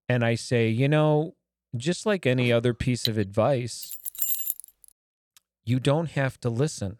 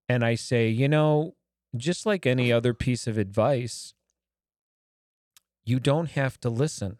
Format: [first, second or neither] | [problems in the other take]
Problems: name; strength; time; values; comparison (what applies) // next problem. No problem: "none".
second | clattering dishes; very faint; at 3 s; peak 6 dB below the speech // jangling keys; loud; at 4 s; peak 1 dB above the speech